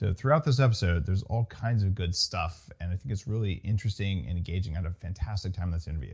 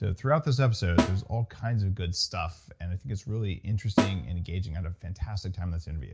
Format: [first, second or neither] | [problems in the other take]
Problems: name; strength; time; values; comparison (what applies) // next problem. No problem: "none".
first | background sound (Snare drum); 2 dB below the speech